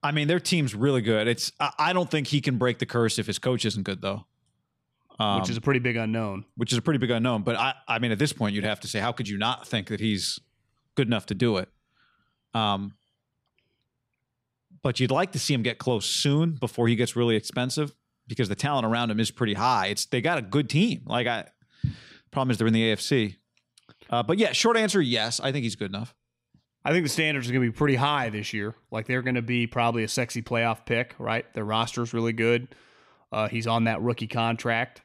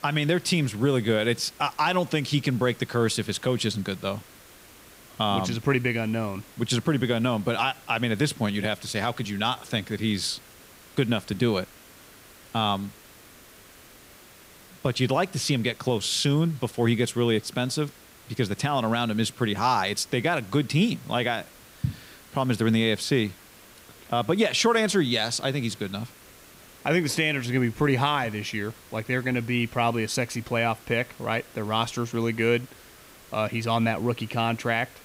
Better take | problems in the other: first | hiss; faint; throughout; 25 dB below the speech

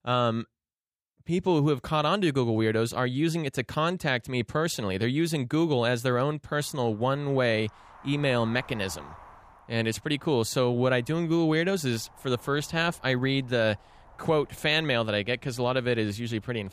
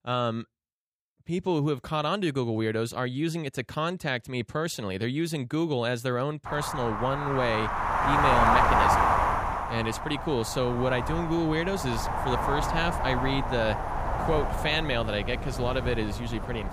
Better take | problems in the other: first | wind noise on the microphone; heavy; from 6.5 s on; 4 dB above the speech; occasional gusts in the first

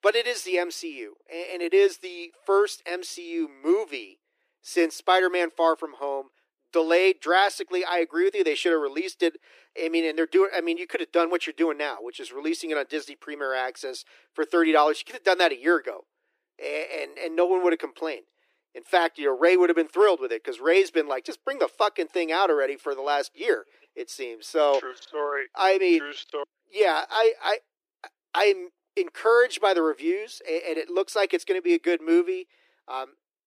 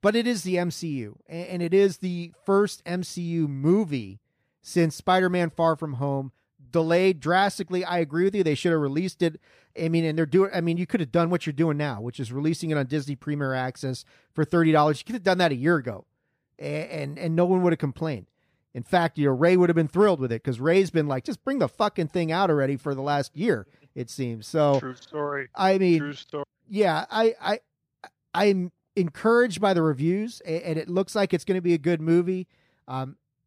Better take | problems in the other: second | thin; very; fading below 350 Hz

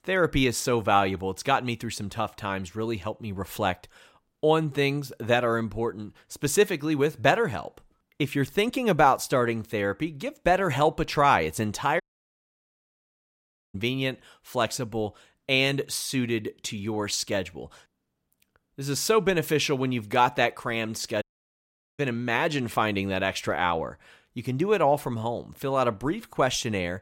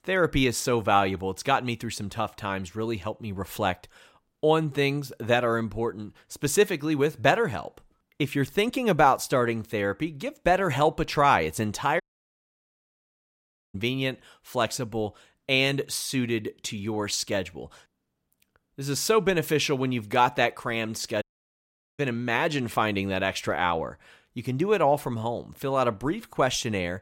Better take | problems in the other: neither | audio cutting out; at 12 s for 1.5 s and at 21 s for 1 s; the same in both

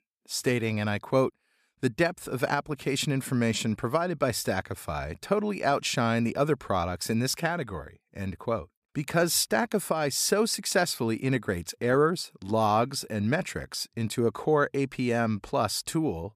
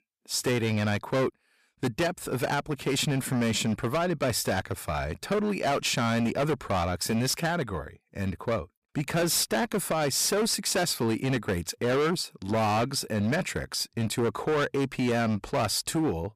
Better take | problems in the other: first | distortion; heavy; 16% of the sound clipped

